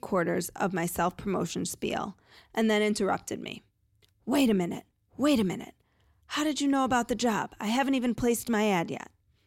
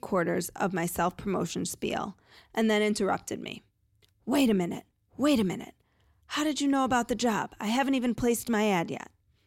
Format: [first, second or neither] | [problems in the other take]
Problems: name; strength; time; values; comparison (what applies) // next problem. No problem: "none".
neither | none